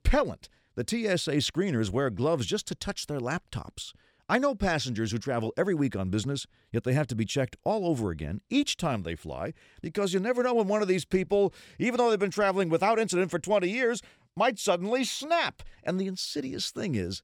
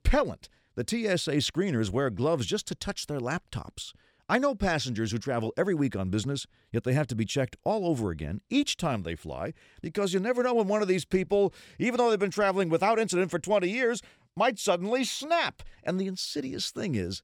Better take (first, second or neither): neither